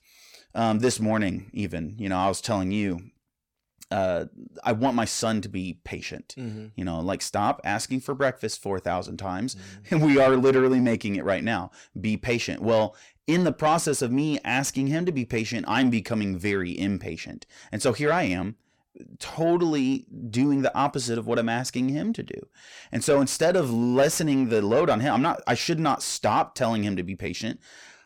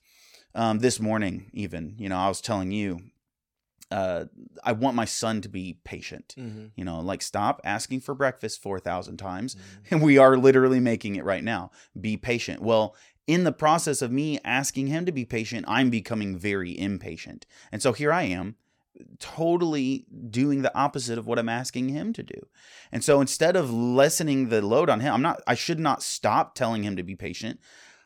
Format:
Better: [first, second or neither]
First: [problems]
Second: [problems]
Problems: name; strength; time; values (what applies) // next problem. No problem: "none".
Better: second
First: distortion; slight; 10 dB below the speech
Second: none